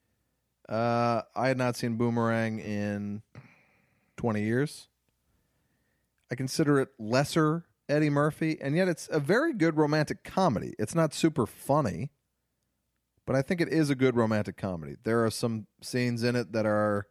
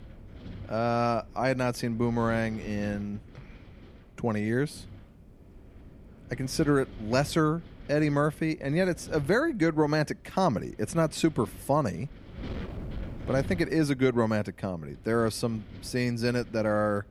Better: first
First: none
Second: wind noise on the microphone; occasional gusts; 20 dB below the speech

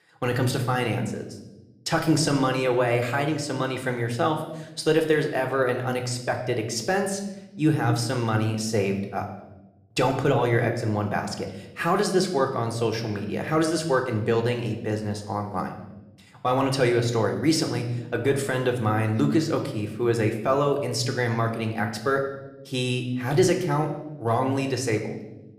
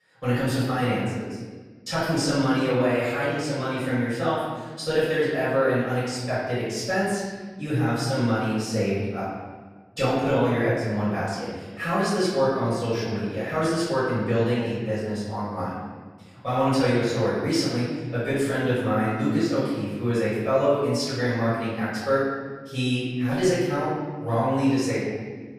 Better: first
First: room echo; slight; dies away in 0.8 s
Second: room echo; strong; dies away in 1.4 s // off-mic speech; far

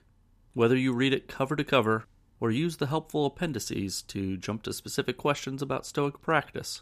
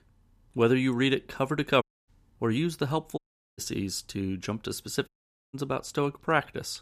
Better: first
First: none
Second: audio cutting out; at 2 s, at 3 s and at 5 s

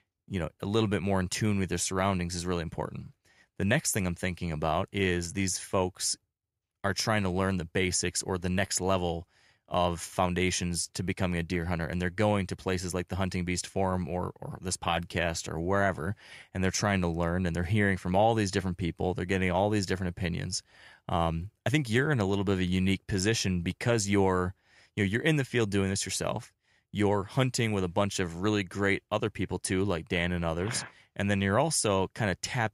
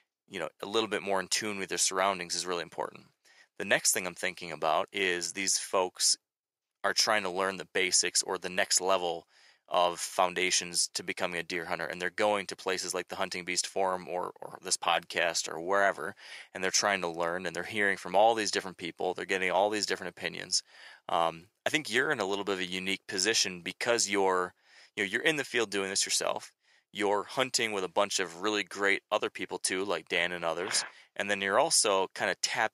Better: first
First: none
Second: thin; very; fading below 450 Hz

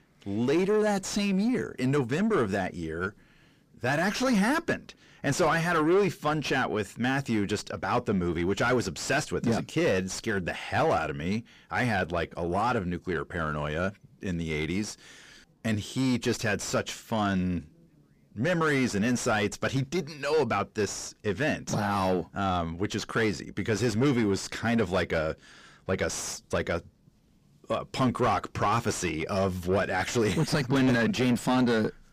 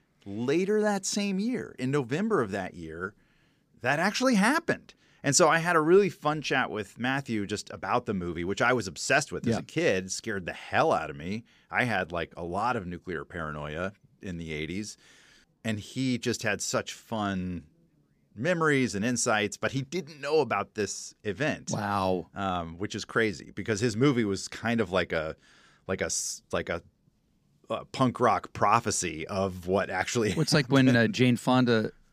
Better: second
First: distortion; heavy; 7 dB below the speech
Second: none

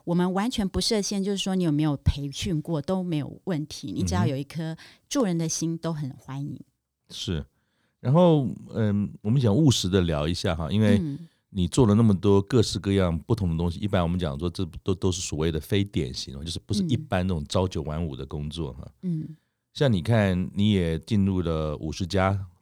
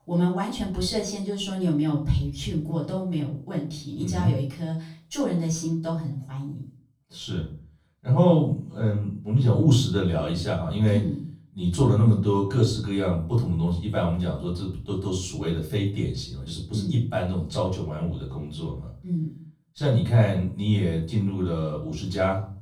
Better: first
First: none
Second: off-mic speech; far // room echo; slight; dies away in 0.4 s

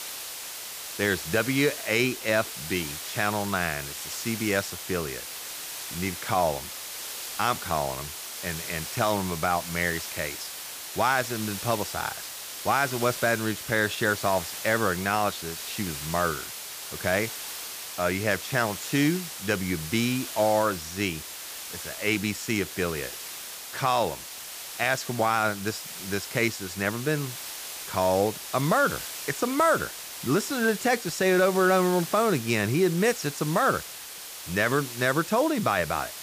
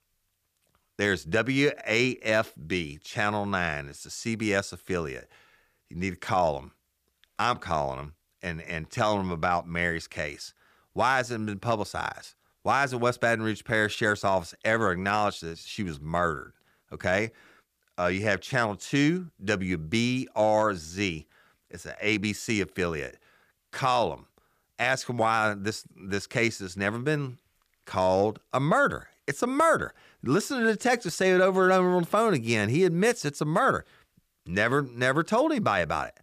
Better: second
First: hiss; loud; throughout; 8 dB below the speech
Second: none

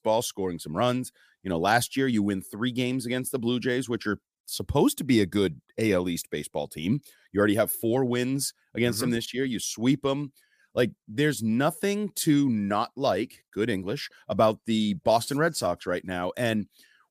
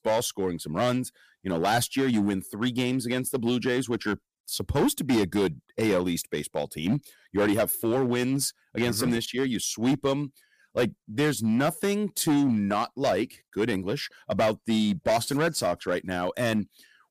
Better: first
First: none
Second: distortion; slight; 7% of the sound clipped

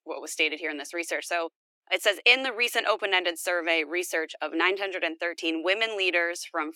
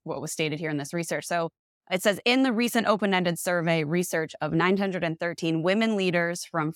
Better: second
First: thin; very; fading below 300 Hz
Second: none

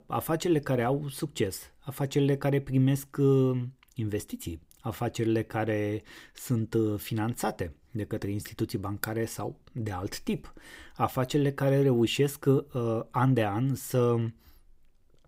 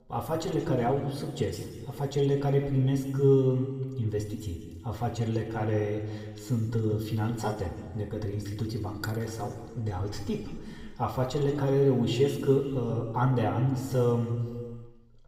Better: first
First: none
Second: room echo; noticeable; dies away in 1.7 s // off-mic speech; somewhat distant

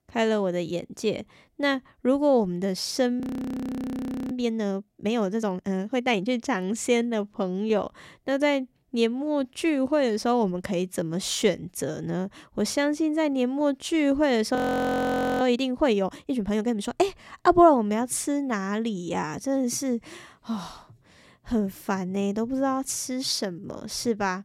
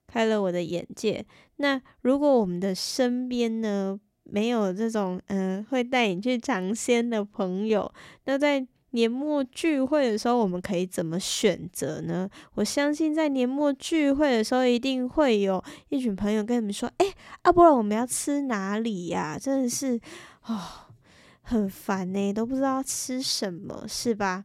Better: second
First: audio freezing; at 3 s for 1 s and at 15 s for 1 s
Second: none

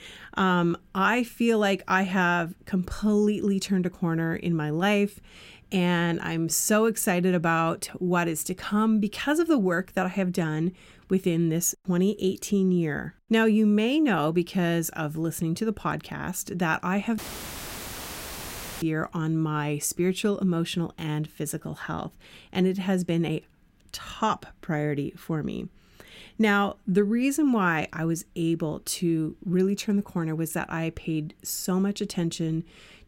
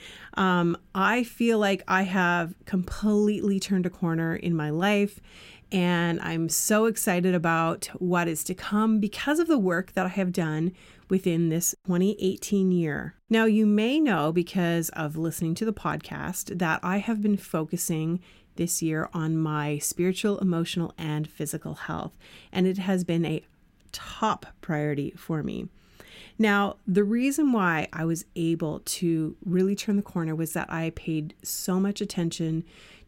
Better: second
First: audio cutting out; filled with static; at 17 s for 1.5 s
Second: none

